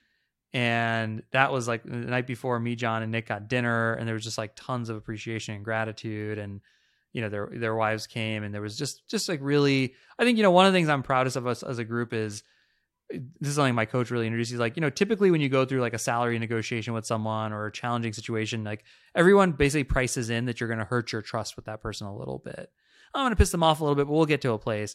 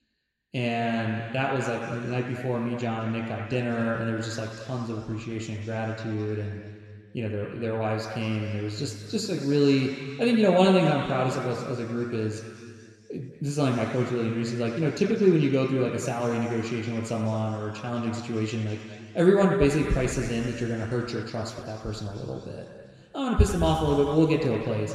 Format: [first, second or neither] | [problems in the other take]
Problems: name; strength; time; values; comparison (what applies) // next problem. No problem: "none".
first | room echo; noticeable; dies away in 2.3 s // off-mic speech; somewhat distant